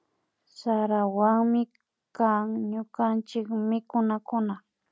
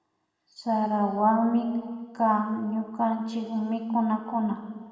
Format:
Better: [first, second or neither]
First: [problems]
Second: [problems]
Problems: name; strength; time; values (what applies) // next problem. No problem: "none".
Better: first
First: none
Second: room echo; dies away in 1.5 s